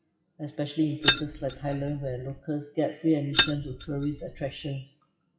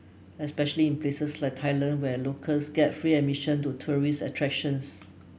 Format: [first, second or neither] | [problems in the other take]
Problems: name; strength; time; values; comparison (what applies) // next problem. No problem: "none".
second | noise reduction (classical method WPE with log-MMSE)